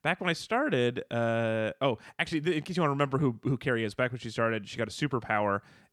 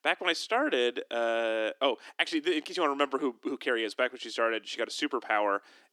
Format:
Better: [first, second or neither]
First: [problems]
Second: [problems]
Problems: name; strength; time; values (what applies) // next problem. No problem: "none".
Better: first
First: none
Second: thin; somewhat; fading below 300 Hz